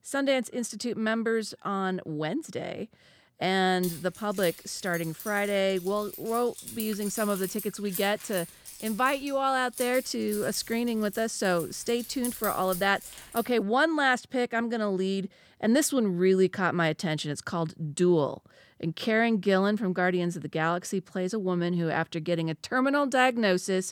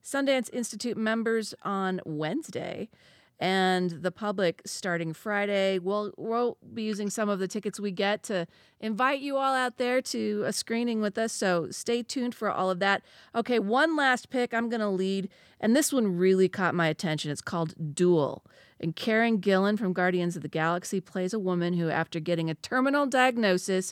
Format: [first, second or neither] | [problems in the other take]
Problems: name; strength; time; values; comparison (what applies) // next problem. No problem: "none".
second | jangling keys; noticeable; from 4 to 13 s; peak 6 dB below the speech